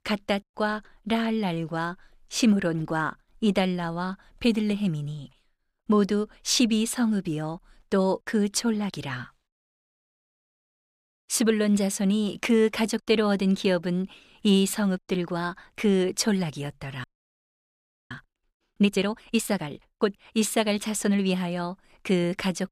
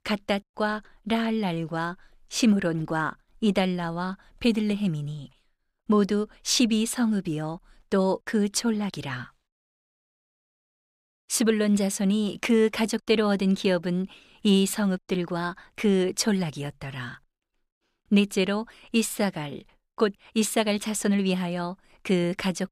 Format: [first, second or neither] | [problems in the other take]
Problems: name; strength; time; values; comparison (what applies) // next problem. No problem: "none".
second | audio freezing; at 17 s for 1 s